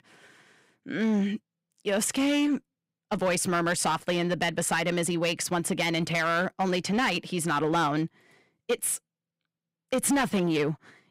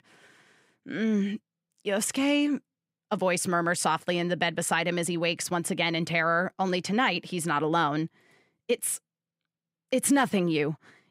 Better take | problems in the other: second | distortion; slight; 8% of the sound clipped

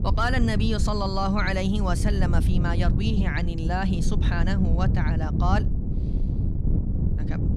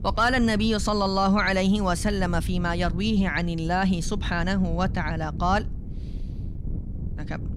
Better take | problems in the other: second | wind noise on the microphone; heavy; 9 dB below the speech; occasional gusts in the second

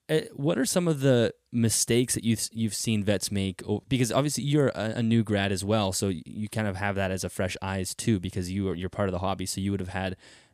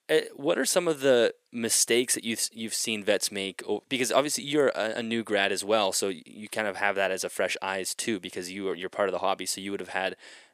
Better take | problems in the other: first | thin; somewhat; fading below 450 Hz

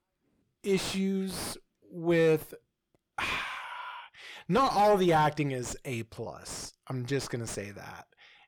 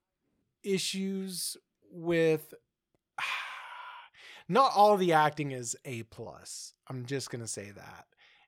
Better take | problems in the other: second | distortion; heavy; 6 dB below the speech

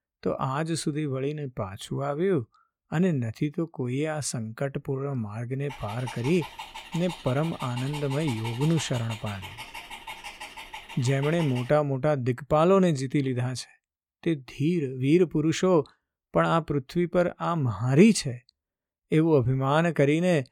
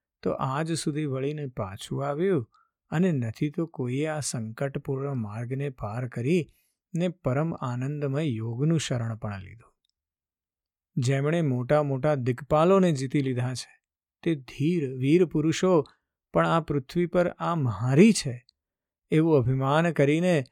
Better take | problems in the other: second | dog barking; faint; from 5.5 to 12 s; peak 10 dB below the speech

